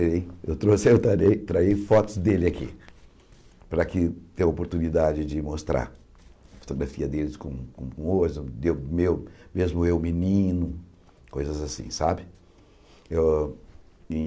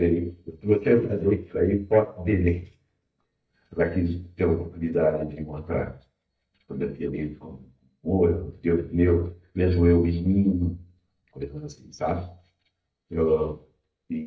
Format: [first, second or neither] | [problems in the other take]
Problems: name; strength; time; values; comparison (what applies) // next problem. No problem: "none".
first | noise reduction (neural mask model DeepFilterNet 3)